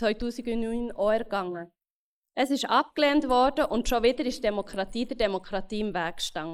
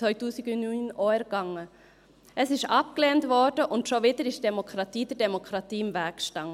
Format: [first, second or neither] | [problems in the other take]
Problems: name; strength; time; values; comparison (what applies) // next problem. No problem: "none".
second | noise reduction (neural mask model Resemble Enhance denoiser)